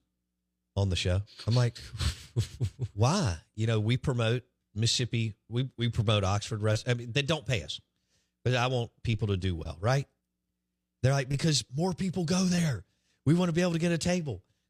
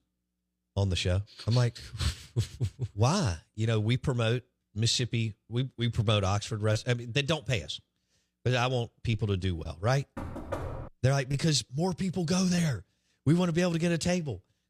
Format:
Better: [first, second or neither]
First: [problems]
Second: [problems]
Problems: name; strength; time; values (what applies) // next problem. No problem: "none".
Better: first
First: none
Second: door banging; noticeable; at 10 s; peak 8 dB below the speech